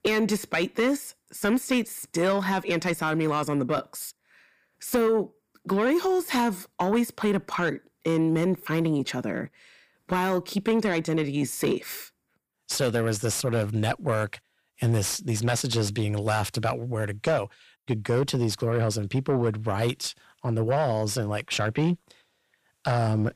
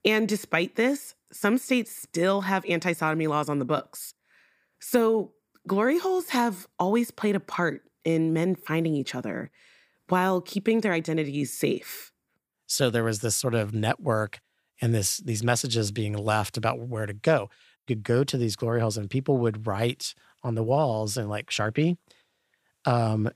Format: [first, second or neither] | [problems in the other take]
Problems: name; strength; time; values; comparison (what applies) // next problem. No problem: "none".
second | distortion; slight; 10 dB below the speech